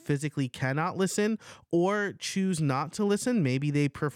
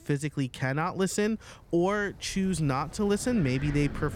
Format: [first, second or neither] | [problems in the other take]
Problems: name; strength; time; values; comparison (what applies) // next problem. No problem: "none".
first | wind in the background; noticeable; throughout; 15 dB below the speech